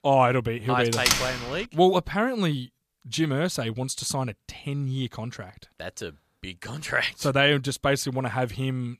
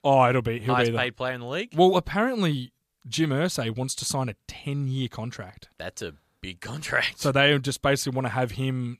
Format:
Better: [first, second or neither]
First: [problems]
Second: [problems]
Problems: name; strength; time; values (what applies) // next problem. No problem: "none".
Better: second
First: door banging; loud; at 1 s; peak 3 dB above the speech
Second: none